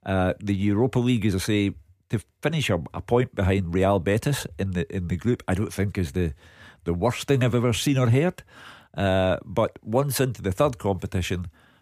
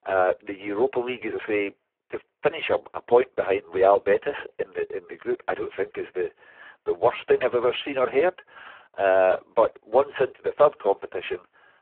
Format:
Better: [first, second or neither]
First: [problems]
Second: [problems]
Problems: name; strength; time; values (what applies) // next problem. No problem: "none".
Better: first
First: none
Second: phone-call audio; poor line